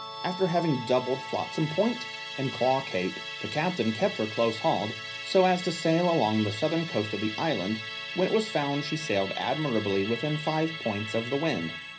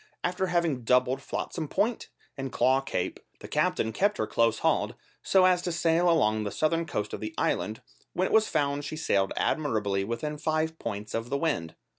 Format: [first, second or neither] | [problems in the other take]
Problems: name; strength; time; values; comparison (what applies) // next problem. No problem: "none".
second | background sound (Musical instrument); 9 dB below the speech // room echo; dies away in 0.5 s